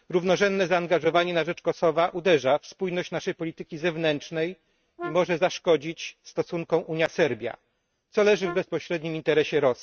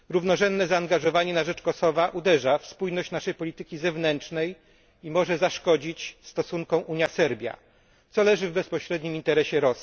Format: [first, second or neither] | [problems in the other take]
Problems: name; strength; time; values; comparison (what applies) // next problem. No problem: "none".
second | noise reduction (neural mask model RNNoise)